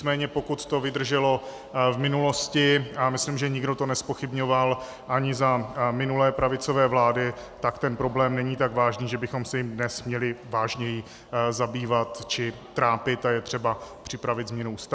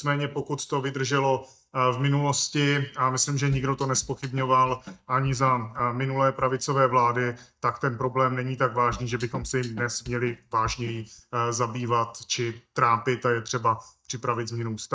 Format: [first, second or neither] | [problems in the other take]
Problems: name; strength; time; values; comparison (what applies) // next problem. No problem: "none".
first | noise reduction (neural mask model DeepFilterNet 3)